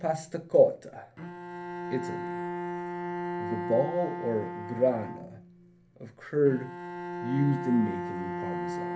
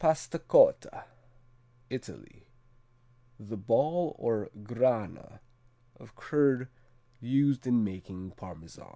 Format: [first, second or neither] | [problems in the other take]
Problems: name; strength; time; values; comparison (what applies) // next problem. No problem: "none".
second | background sound (Bowed string instrument); 6 dB below the speech // room echo; dies away in 0.3 s